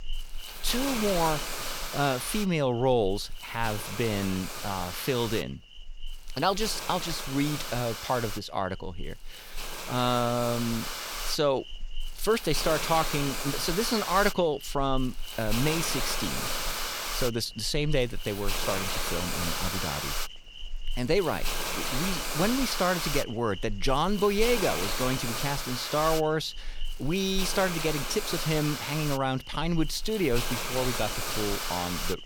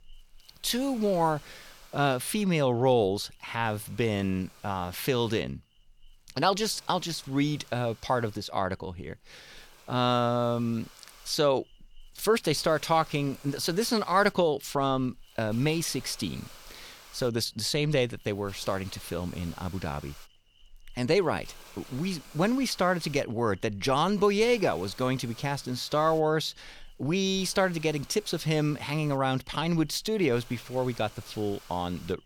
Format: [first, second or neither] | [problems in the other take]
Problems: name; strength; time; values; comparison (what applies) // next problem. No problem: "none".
second | hiss; loud; throughout; 4 dB below the speech; faint in the second